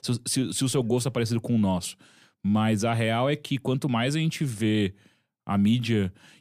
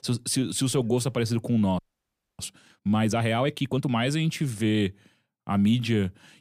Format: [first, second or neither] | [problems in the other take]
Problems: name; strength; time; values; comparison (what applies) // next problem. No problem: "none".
first | audio freezing; at 2 s for 0.5 s